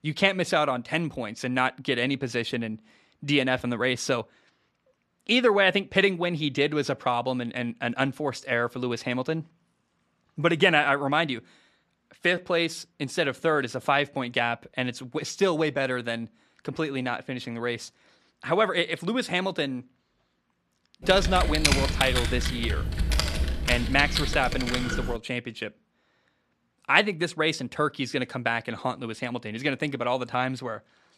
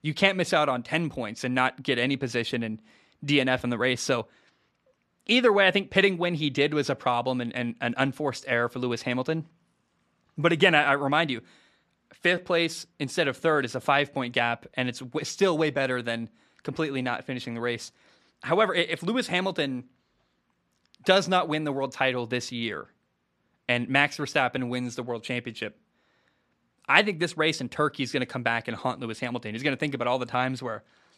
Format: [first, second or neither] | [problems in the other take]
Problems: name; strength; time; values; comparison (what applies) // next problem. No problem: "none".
second | keyboard typing; loud; from 21 to 25 s; peak 4 dB above the speech